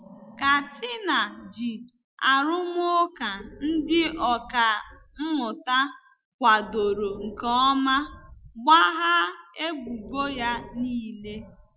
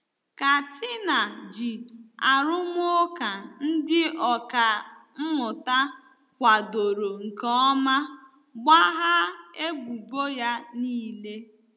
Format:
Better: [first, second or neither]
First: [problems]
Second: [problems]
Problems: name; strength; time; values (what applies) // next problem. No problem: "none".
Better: second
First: noise reduction (classical method Wiener filter)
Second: none